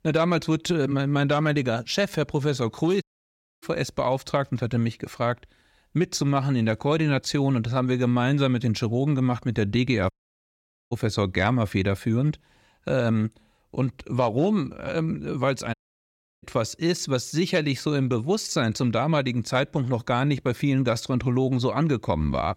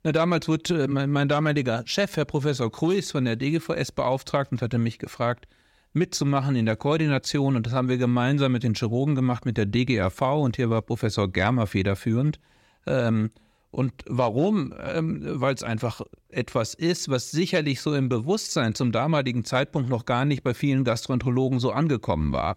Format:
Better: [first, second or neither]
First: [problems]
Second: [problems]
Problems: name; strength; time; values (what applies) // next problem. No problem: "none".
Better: second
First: audio cutting out; at 3 s for 0.5 s, at 10 s for 1 s and at 16 s for 0.5 s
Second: none